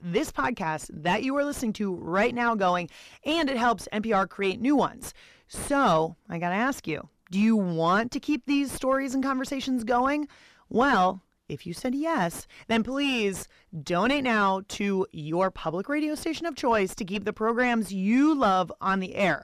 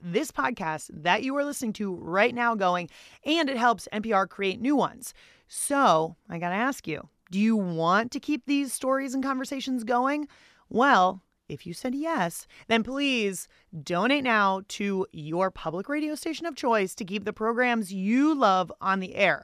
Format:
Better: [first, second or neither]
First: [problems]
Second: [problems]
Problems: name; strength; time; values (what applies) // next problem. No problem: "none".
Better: second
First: distortion; slight; 10 dB below the speech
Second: none